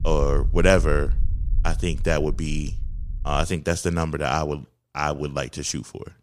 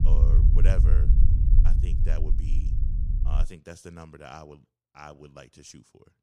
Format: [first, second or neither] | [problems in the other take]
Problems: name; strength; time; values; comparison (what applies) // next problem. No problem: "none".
first | low rumble; loud; until 3.5 s; as loud as the speech; faint in the first